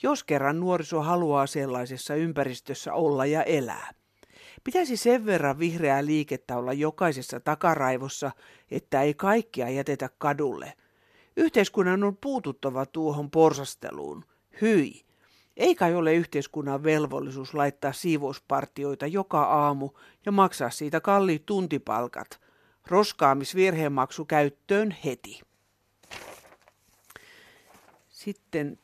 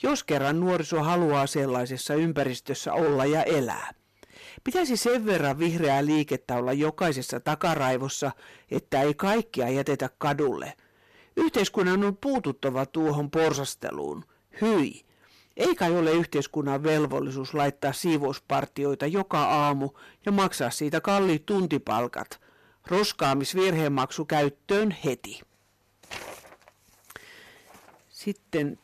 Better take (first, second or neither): first